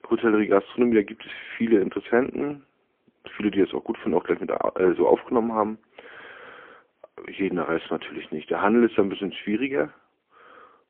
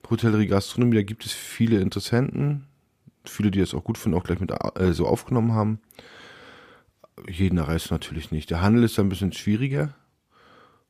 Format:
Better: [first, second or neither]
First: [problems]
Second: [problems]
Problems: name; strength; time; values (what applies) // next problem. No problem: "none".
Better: second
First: phone-call audio; poor line; nothing above 3.5 kHz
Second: none